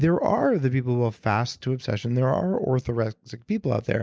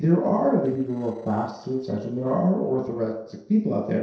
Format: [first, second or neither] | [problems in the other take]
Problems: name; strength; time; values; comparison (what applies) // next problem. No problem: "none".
first | noise reduction (neural separator model SepFormer DNS4)